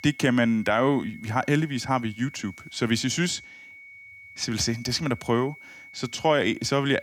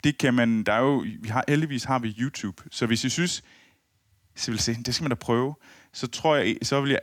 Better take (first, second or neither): second